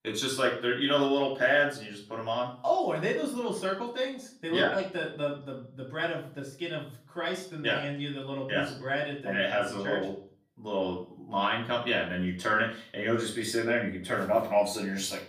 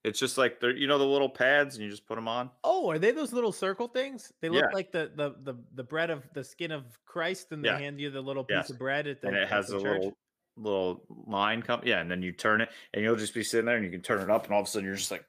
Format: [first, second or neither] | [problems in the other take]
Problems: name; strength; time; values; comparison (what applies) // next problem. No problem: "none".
second | room echo; slight; dies away in 0.4 s // off-mic speech; far